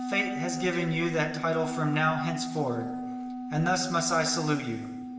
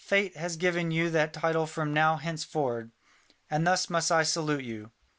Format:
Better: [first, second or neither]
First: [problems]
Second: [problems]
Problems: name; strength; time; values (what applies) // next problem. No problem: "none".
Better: second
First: background sound (Wind instrument, woodwind instrument); 6 dB below the speech // room echo; dies away in 1.2 s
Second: none